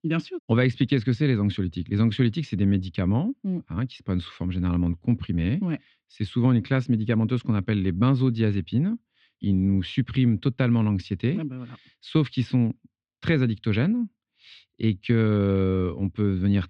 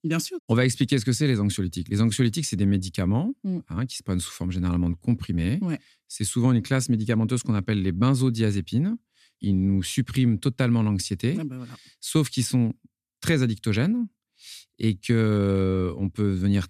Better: second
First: muffled; slightly; fading above 3.5 kHz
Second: none

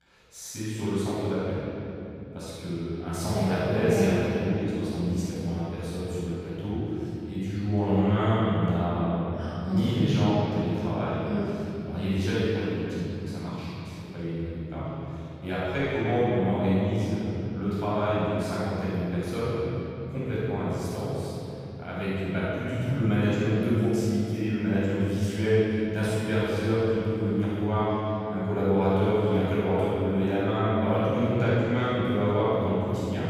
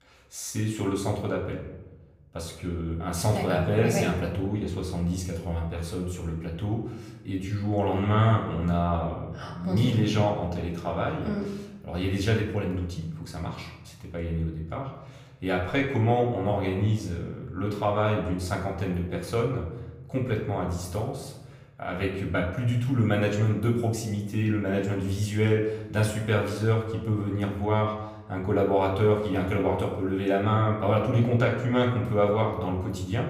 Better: second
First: room echo; strong; dies away in 3 s // off-mic speech; far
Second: room echo; slight; dies away in 0.8 s // off-mic speech; far

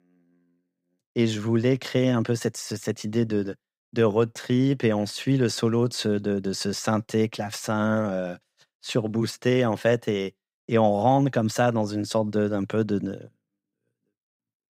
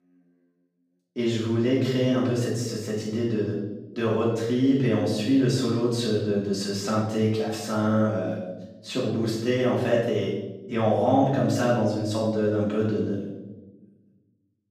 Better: first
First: none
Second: off-mic speech; far // room echo; noticeable; dies away in 0.9 s

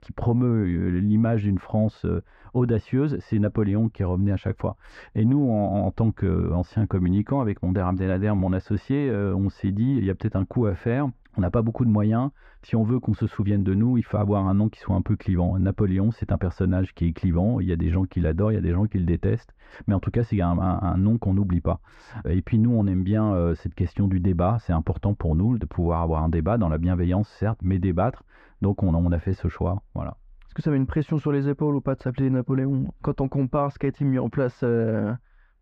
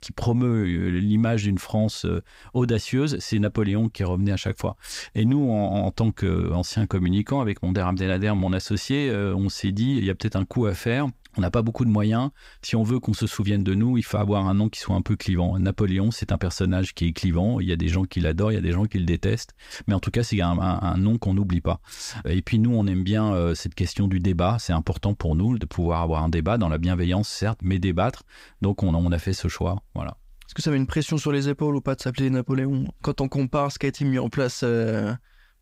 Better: second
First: muffled; very; fading above 3.5 kHz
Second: none

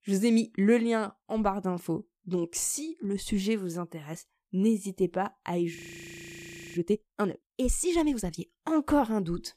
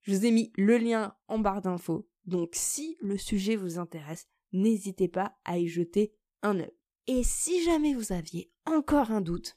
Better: second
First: audio freezing; at 6 s for 1 s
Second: none

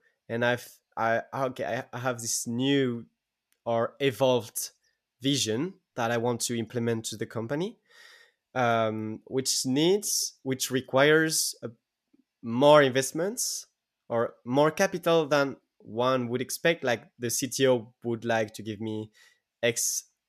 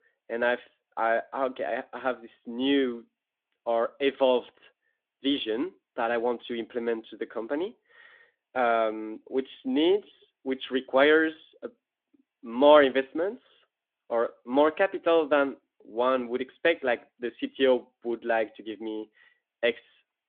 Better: first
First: none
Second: phone-call audio; nothing above 3.5 kHz

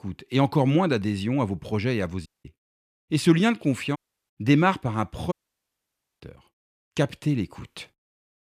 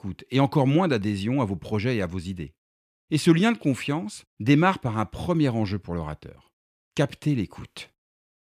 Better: second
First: audio cutting out; at 2.5 s, at 4 s and at 5.5 s for 1 s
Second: none

